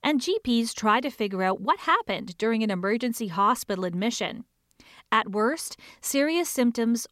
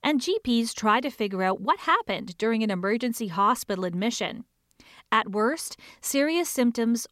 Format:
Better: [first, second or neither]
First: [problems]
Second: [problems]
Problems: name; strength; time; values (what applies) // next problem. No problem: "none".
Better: neither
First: none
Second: none